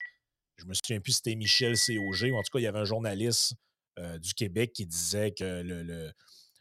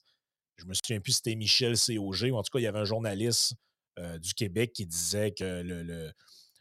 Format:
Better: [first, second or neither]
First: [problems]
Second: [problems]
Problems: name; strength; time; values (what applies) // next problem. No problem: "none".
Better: second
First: phone ringing; noticeable; until 2.5 s; peak 6 dB below the speech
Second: none